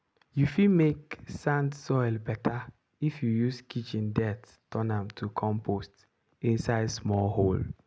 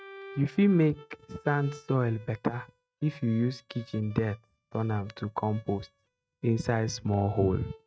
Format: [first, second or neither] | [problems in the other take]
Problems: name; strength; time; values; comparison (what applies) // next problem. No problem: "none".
first | noise reduction (neural mask model RNNoise)